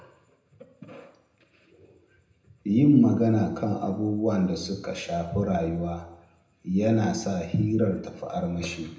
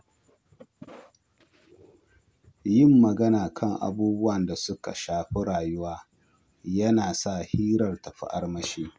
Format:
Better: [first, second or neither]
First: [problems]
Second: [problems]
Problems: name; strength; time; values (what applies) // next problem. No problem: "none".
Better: second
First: room echo; dies away in 0.8 s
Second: none